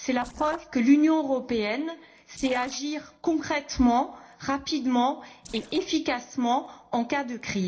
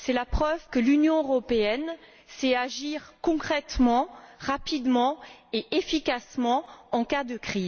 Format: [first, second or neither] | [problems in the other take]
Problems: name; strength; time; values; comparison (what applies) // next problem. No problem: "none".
second | noise reduction (neural separator model SepFormer DNS4)